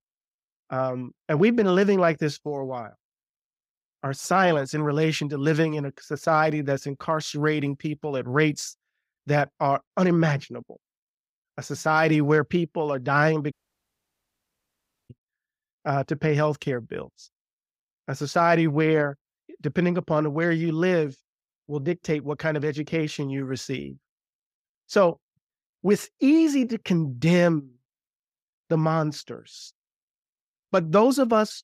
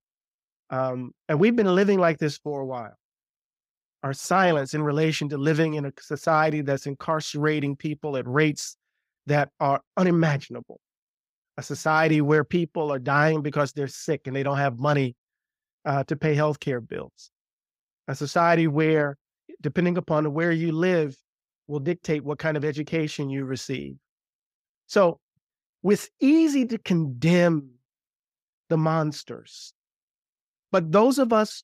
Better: second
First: audio cutting out; at 14 s for 1.5 s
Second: none

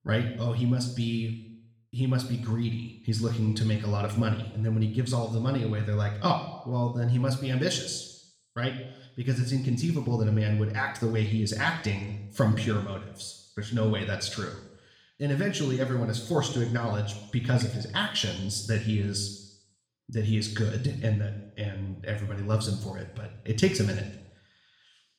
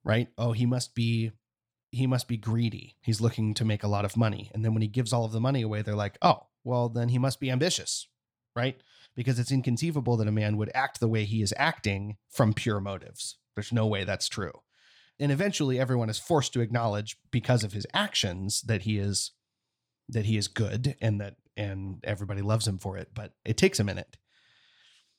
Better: second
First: room echo; slight; dies away in 0.8 s // off-mic speech; somewhat distant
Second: none

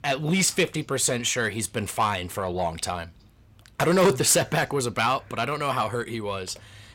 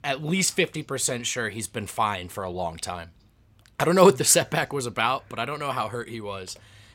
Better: second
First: distortion; heavy; 8 dB below the speech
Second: none

